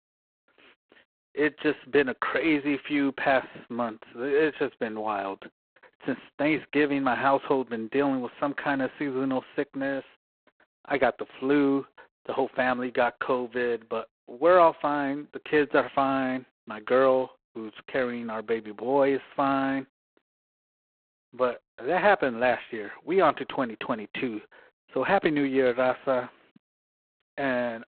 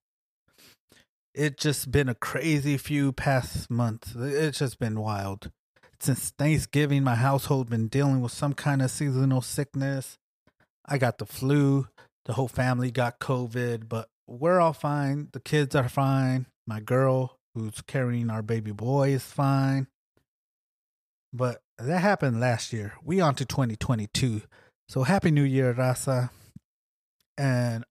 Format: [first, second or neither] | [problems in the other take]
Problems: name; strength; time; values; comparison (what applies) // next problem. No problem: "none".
second | phone-call audio; poor line; nothing above 4 kHz